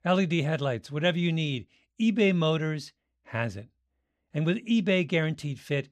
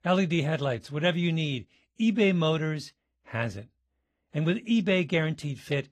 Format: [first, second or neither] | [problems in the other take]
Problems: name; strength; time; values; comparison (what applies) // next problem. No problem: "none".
first | garbled, watery; slightly; nothing above 14 kHz